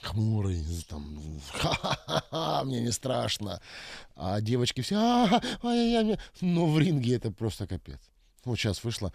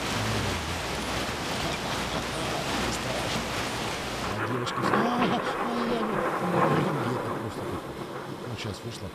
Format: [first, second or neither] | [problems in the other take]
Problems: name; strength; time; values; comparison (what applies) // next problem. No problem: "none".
first | rain or running water; very loud; throughout; 5 dB above the speech